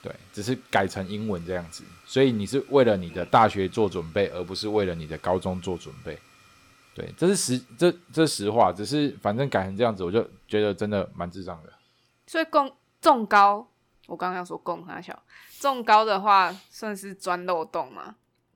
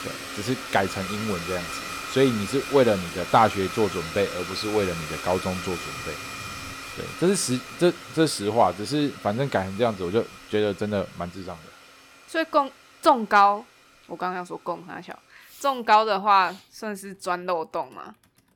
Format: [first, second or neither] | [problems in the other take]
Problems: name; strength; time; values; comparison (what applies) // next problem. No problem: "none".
first | household noises; loud; throughout; 10 dB below the speech; faint in the first